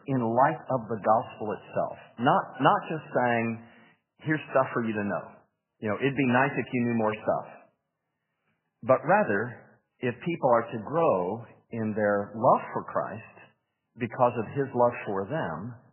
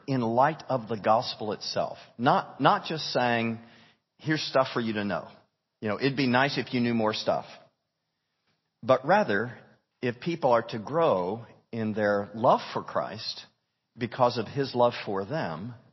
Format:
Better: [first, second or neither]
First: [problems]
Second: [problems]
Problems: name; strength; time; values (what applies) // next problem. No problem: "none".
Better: second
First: garbled, watery; badly; nothing above 3 kHz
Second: garbled, watery; slightly; nothing above 5.5 kHz